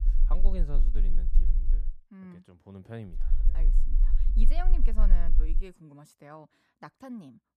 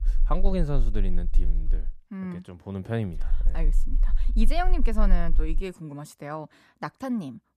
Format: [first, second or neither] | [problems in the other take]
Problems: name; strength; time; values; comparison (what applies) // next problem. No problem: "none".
second | low rumble; loud; until 2 s and from 3 to 5.5 s; 10 dB below the speech; faint in the second